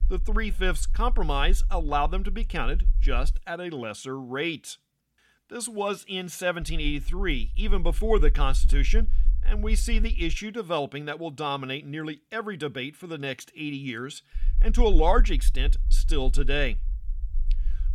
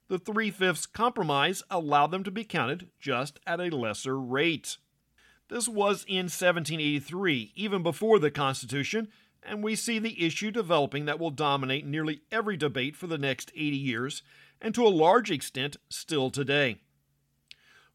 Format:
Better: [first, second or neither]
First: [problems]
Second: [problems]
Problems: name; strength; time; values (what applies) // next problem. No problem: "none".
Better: second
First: low rumble; faint; until 3.5 s, from 6.5 to 10 s and from 14 s on; 25 dB below the speech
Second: none